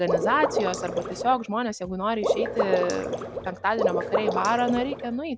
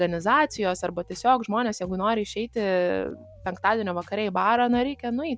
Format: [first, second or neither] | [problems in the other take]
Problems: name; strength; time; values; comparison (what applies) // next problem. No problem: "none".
second | background sound (Water / Liquid); 1 dB below the speech